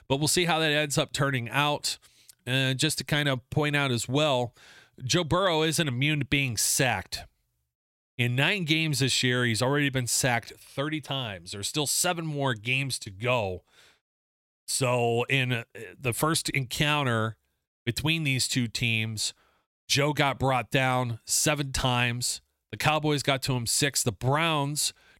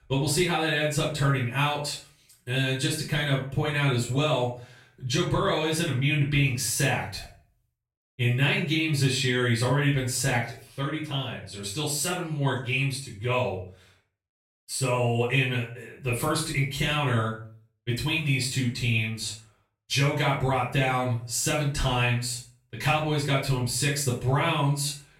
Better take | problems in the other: first | off-mic speech; far // room echo; noticeable; dies away in 0.4 s

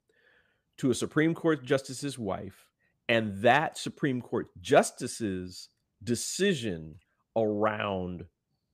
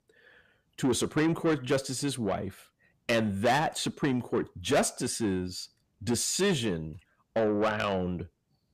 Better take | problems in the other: first | distortion; heavy; 7 dB below the speech

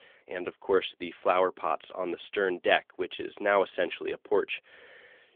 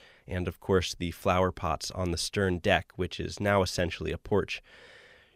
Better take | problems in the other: second | phone-call audio; nothing above 3.5 kHz

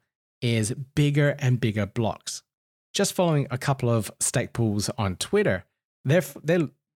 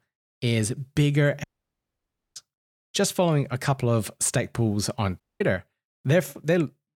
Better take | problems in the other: first | audio cutting out; at 1.5 s for 1 s and at 5 s

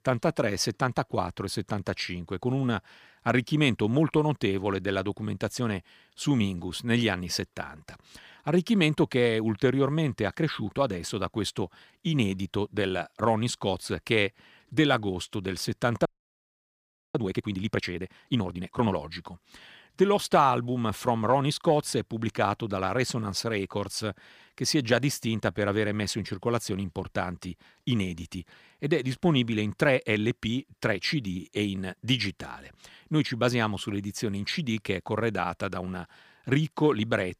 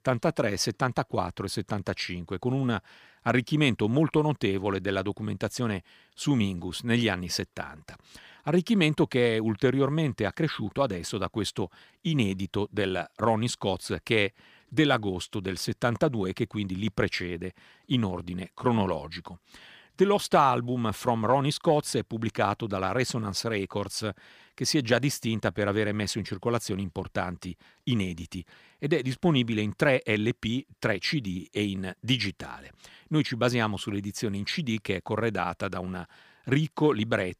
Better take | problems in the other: second | audio freezing; at 16 s for 1 s

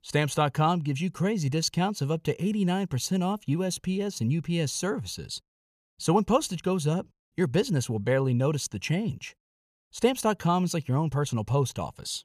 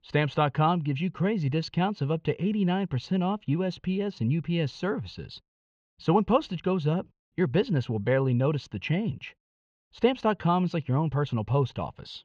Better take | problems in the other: first | muffled; slightly; fading above 3.5 kHz

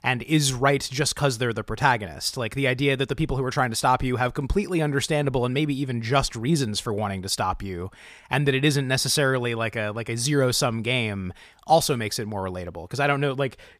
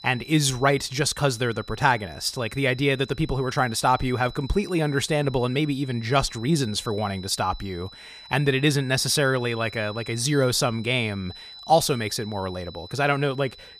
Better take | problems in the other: first | high-pitched whine; noticeable; throughout; 4 kHz, 20 dB below the speech

